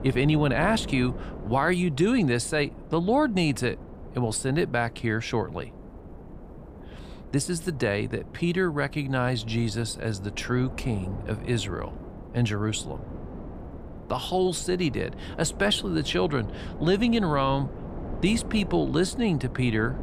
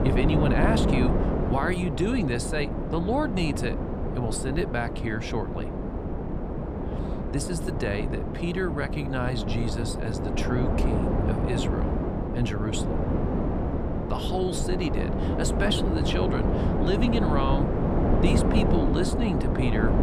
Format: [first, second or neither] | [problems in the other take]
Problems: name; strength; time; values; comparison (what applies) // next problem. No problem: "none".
first | wind noise on the microphone; heavy; 1 dB below the speech; occasional gusts in the first